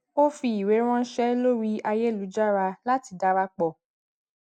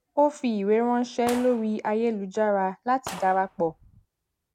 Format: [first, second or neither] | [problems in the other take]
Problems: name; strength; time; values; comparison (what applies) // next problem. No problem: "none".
first | background sound (Gunshot, gunfire); 19 dB below the speech